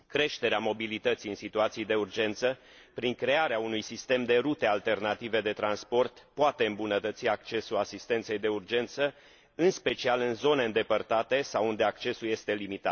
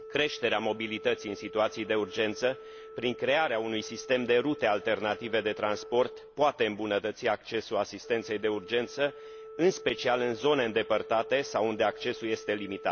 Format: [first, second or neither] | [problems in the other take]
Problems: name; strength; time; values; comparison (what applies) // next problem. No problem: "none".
first | background sound (Organ); 16 dB below the speech